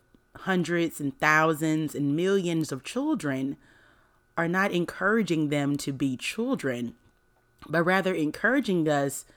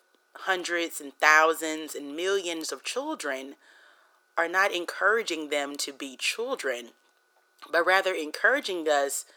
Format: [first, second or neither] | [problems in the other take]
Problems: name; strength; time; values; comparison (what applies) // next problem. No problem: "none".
first | thin; very; fading below 450 Hz